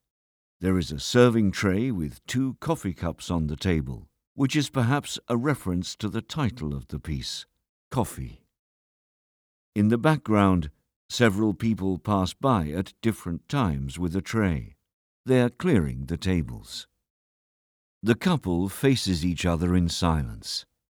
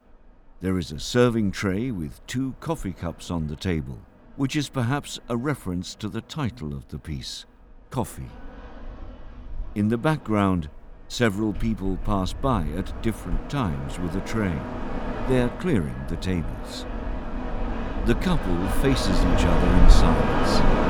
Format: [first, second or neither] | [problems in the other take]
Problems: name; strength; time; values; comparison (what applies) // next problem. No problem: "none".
first | train or aircraft noise; loud; throughout; 1 dB below the speech